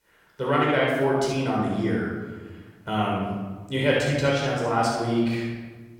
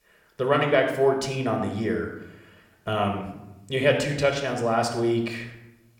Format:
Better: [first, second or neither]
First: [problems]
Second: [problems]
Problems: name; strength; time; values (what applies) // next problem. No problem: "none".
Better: second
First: room echo; strong; dies away in 1.4 s // off-mic speech; far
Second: room echo; slight; dies away in 0.7 s